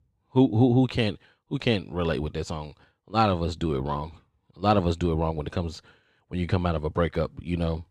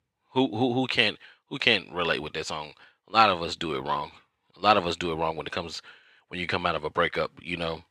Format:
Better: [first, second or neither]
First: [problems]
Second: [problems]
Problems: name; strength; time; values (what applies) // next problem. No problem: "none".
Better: first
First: none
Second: thin; somewhat; fading below 650 Hz